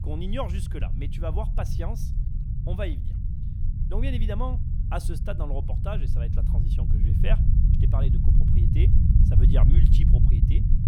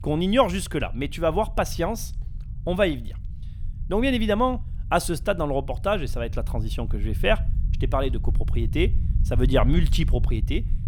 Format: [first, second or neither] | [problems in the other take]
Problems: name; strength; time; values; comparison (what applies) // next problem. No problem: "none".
second | low rumble; loud; throughout; 3 dB below the speech; faint in the second